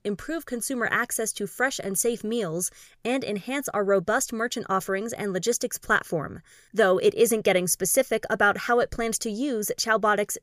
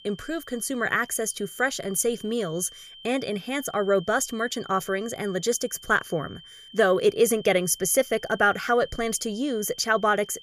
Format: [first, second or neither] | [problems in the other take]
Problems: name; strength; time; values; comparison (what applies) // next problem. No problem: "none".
first | high-pitched whine; noticeable; throughout; 3 kHz, 20 dB below the speech